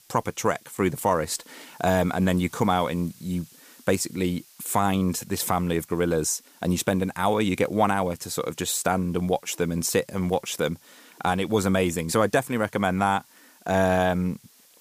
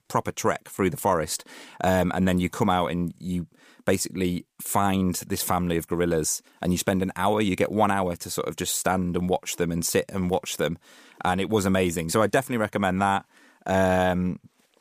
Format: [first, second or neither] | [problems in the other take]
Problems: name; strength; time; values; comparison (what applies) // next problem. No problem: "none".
second | hiss; faint; throughout; 25 dB below the speech